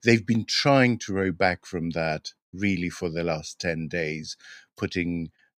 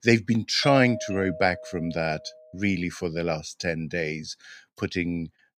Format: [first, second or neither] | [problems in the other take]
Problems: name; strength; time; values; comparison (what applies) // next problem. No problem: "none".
first | doorbell; noticeable; from 0.5 to 2.5 s; peak 7 dB below the speech